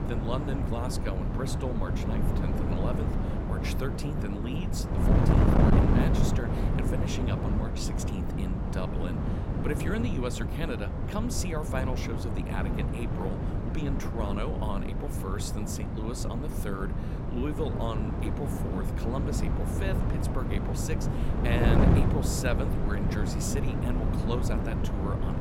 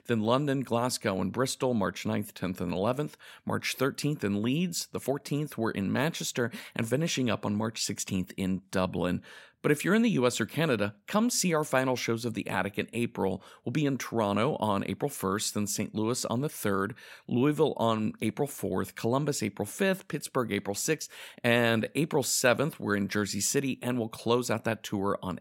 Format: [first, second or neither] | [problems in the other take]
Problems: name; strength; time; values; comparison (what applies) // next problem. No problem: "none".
second | wind noise on the microphone; heavy; 1 dB above the speech